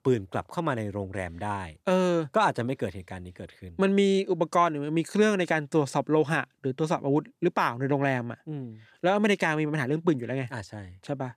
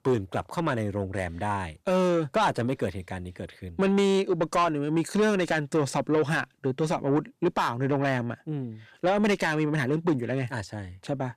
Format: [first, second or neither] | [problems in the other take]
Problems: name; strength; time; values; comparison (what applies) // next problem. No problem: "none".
first | distortion; slight; 10 dB below the speech